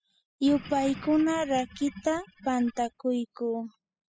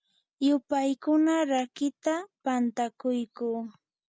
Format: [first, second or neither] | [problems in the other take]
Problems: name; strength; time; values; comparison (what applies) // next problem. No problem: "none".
second | noise reduction (classical method spectral subtraction)